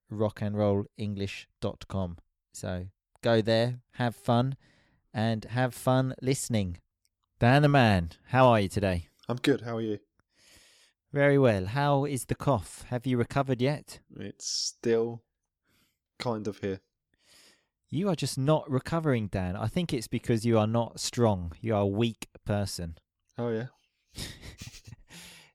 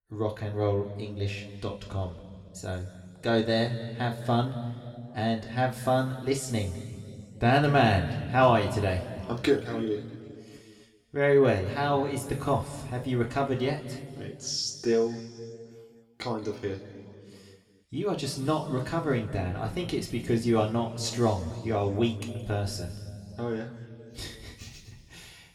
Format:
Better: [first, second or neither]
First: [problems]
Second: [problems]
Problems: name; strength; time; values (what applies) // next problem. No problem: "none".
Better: first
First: none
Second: room echo; slight; dies away in 2 s // off-mic speech; somewhat distant